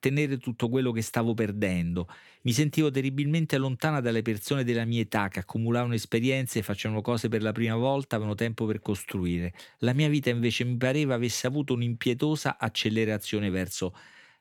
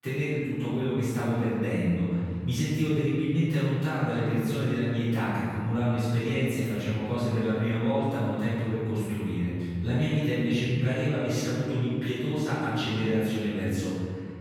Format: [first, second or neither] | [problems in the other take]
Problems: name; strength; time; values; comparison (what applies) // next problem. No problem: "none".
first | room echo; strong; dies away in 2.5 s // off-mic speech; far